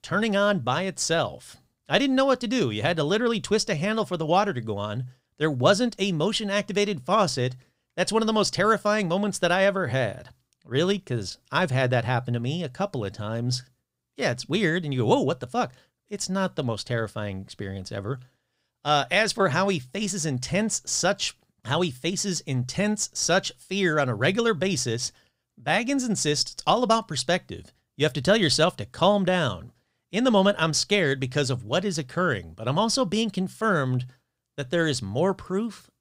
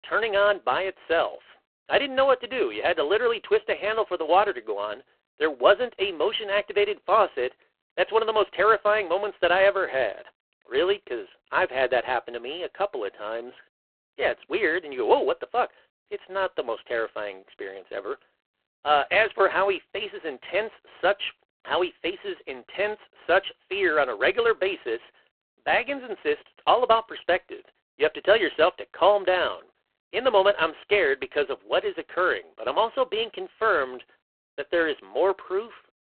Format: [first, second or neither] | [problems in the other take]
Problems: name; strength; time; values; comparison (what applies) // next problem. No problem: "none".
first | phone-call audio; poor line